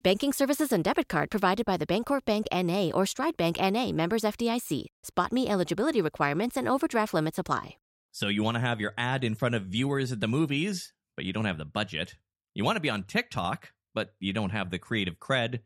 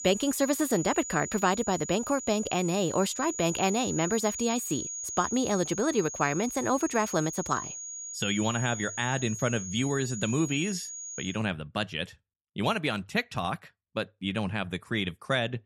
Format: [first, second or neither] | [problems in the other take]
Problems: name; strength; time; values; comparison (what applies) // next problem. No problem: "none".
first | high-pitched whine; loud; until 11 s; 6.5 kHz, 7 dB below the speech